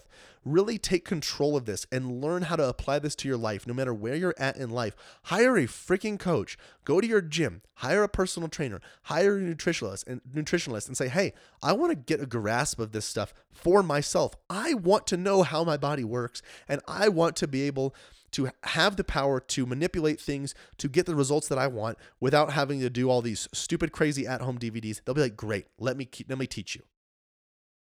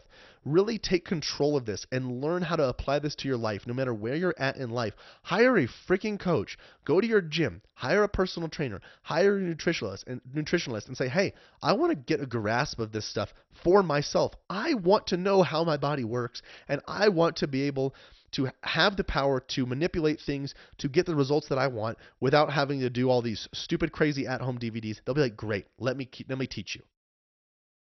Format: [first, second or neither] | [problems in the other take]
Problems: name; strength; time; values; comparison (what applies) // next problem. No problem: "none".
first | garbled, watery; slightly; nothing above 6 kHz